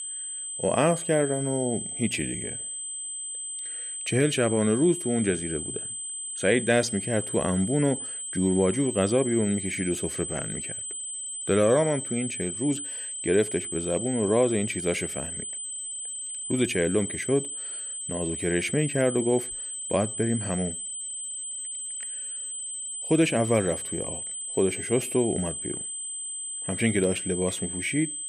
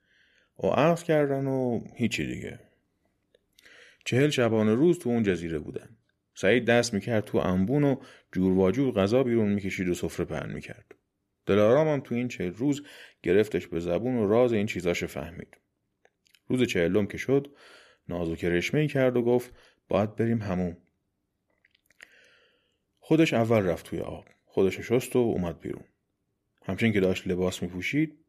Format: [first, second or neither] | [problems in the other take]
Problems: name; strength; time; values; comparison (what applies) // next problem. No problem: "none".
second | high-pitched whine; loud; throughout; 8 kHz, 5 dB below the speech